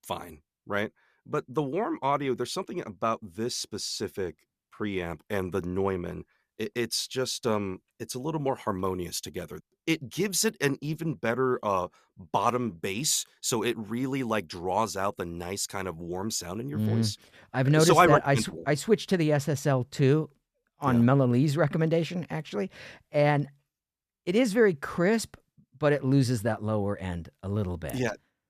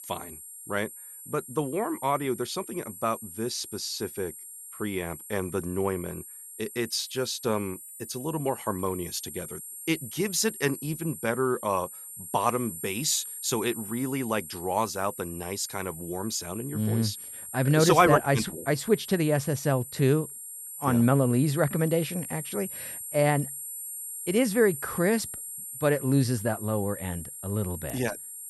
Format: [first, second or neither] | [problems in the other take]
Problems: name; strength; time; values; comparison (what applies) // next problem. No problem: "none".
first | high-pitched whine; loud; throughout; 9 kHz, 10 dB below the speech